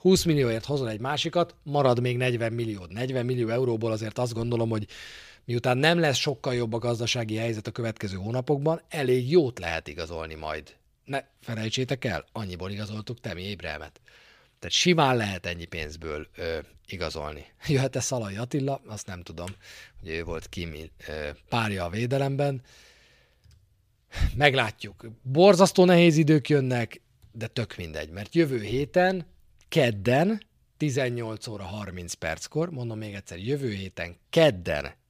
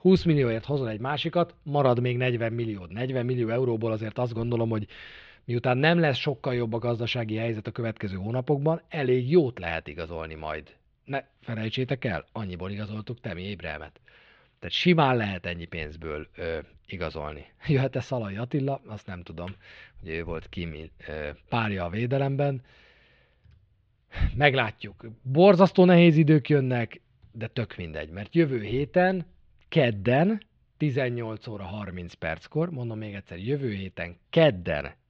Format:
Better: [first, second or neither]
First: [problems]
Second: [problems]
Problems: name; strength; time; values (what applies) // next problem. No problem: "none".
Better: first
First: none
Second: muffled; slightly; fading above 3.5 kHz